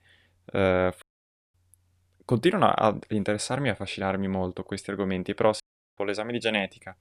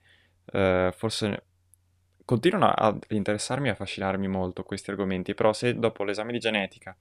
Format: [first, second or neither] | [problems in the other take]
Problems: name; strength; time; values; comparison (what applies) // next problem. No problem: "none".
second | audio cutting out; at 1 s for 0.5 s and at 5.5 s